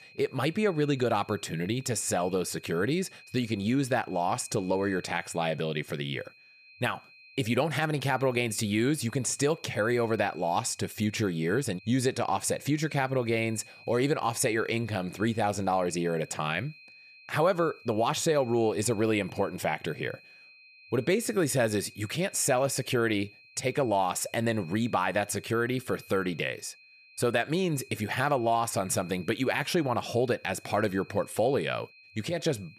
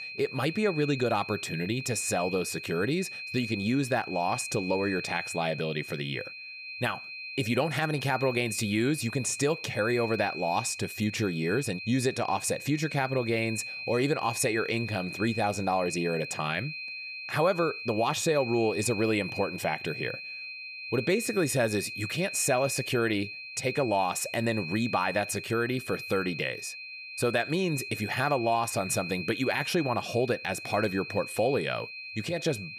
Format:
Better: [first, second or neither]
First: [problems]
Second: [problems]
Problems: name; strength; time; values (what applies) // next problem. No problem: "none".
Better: first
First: high-pitched whine; faint; throughout; 2.5 kHz, 25 dB below the speech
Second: high-pitched whine; loud; throughout; 2.5 kHz, 8 dB below the speech